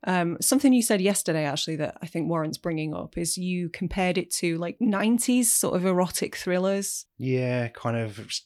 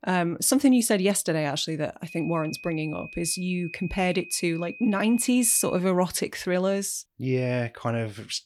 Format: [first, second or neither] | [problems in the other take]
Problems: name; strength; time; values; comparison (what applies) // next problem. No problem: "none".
first | high-pitched whine; noticeable; from 2 to 6 s; 2.5 kHz, 15 dB below the speech